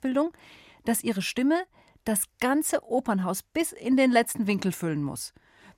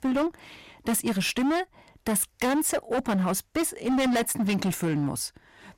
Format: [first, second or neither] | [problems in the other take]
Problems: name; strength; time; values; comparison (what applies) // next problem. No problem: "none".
first | distortion; heavy; 19% of the sound clipped